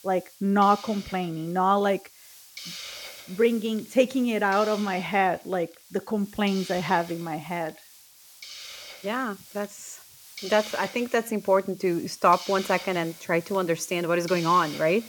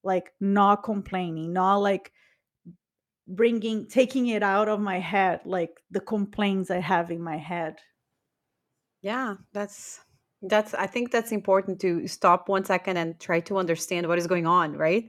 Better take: second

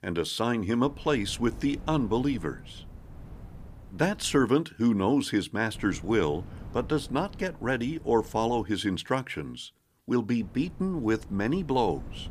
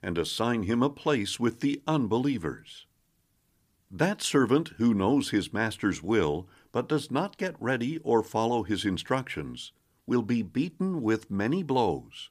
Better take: second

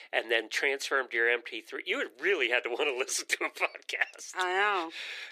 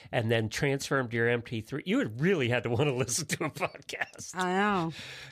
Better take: second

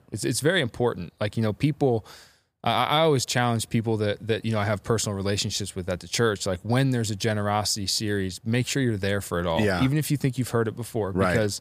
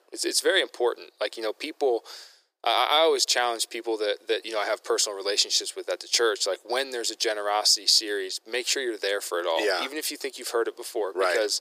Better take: first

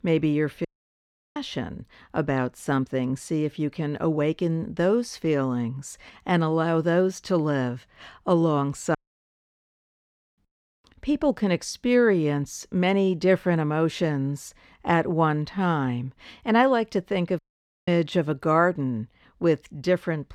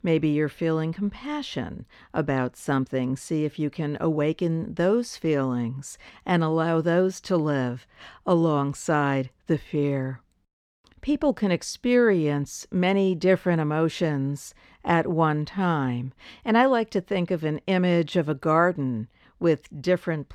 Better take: second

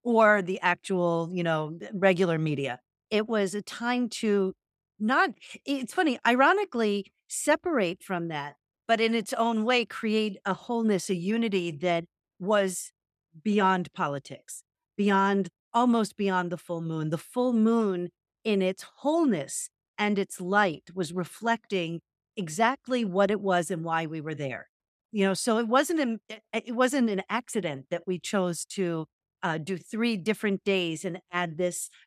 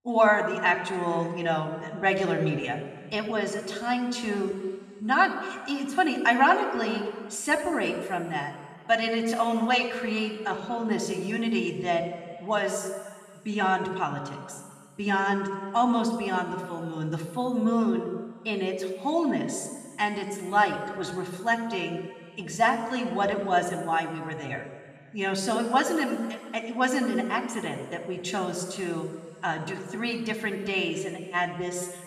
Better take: first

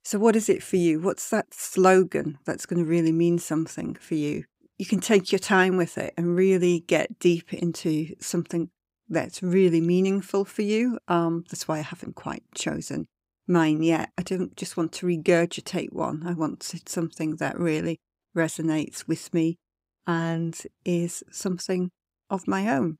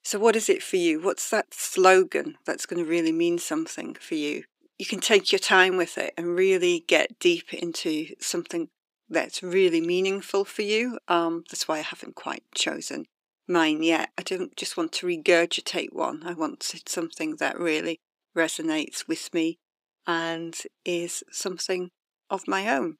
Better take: first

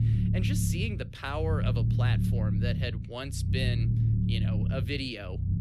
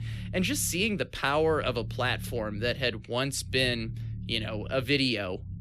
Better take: second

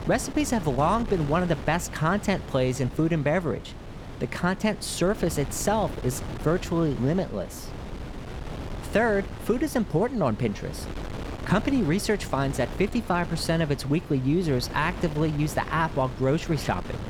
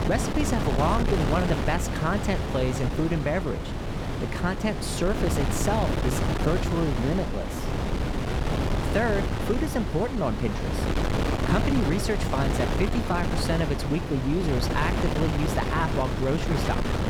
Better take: first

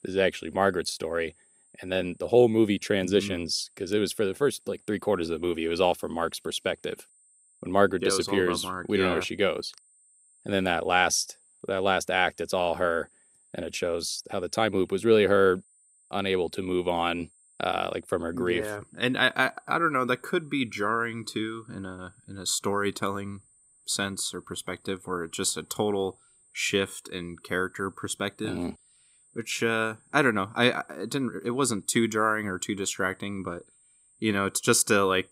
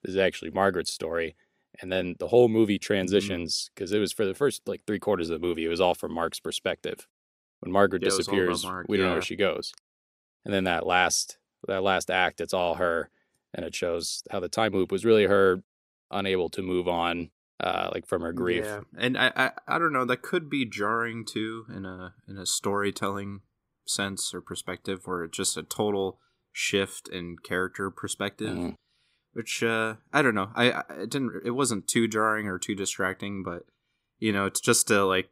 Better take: second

